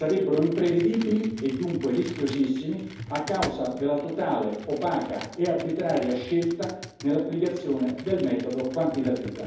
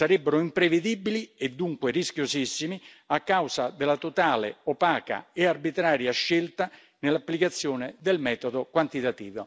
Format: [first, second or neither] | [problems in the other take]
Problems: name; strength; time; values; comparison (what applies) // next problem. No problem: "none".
second | background sound (Computer keyboard); 16 dB below the speech // room echo; dies away in 0.9 s